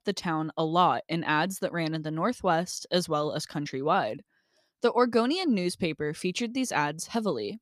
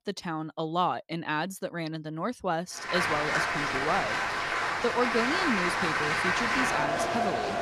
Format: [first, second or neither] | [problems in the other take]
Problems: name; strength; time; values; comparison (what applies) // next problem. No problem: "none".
first | crowd noise; very loud; from 3 s on; 4 dB above the speech